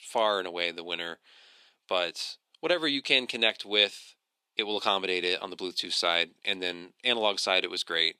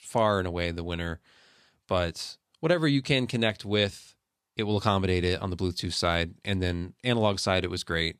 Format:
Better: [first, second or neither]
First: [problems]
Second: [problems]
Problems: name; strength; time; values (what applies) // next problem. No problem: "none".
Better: second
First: thin; somewhat; fading below 350 Hz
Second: none